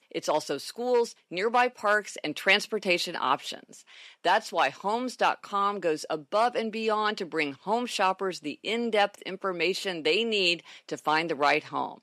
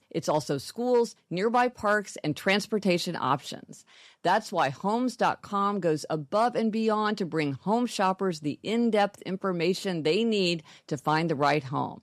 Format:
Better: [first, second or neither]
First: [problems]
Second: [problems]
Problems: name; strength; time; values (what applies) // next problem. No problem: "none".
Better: second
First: thin; somewhat; fading below 350 Hz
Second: none